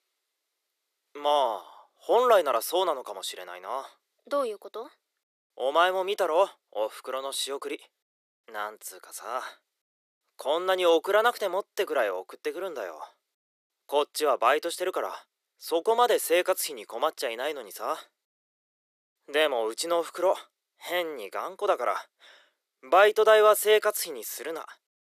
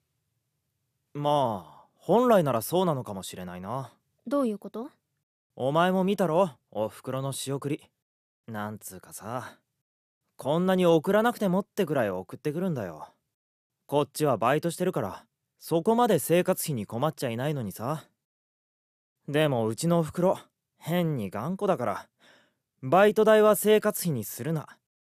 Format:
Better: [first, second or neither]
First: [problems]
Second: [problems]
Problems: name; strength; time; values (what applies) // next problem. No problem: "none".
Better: second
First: thin; very; fading below 350 Hz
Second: none